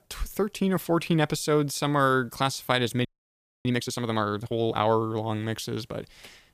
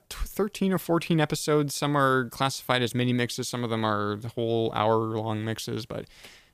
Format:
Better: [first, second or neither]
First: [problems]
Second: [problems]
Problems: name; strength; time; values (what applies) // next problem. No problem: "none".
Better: second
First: audio freezing; at 3 s for 0.5 s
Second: none